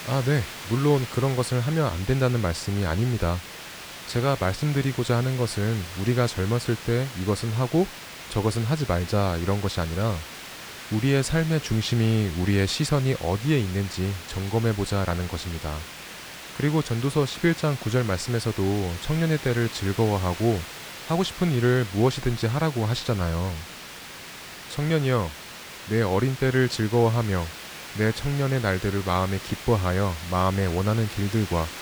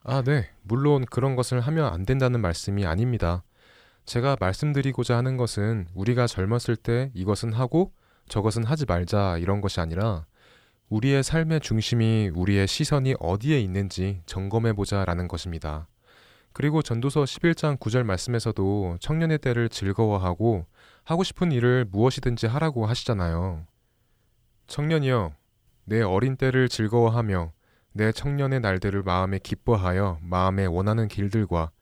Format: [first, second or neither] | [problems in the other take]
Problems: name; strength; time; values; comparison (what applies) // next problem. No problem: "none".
second | hiss; noticeable; throughout; 10 dB below the speech